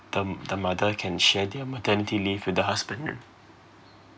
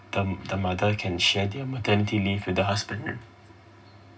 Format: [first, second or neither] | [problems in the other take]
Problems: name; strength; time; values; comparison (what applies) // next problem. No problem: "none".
first | room echo; dies away in 0.4 s